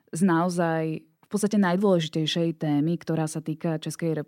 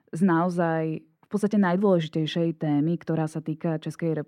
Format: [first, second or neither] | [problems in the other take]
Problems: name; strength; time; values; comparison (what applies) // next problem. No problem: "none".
first | muffled; slightly; fading above 3.5 kHz